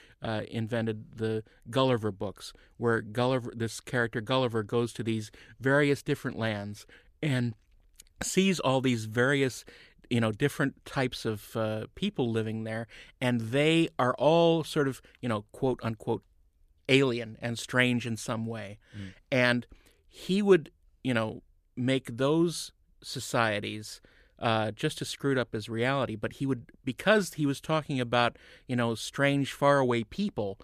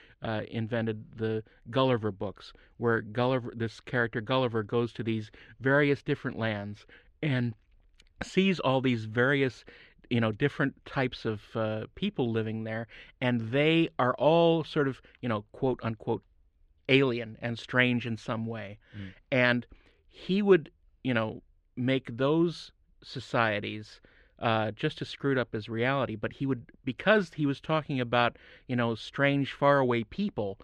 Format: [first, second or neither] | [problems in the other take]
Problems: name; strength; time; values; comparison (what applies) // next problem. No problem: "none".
first | muffled; slightly; fading above 3 kHz